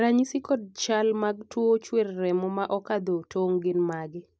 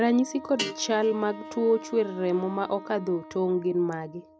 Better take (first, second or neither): first